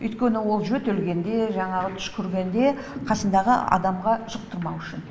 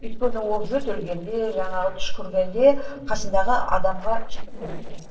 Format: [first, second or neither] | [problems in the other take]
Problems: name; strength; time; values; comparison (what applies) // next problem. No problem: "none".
first | noise reduction (neural separator model SepFormer DNS4)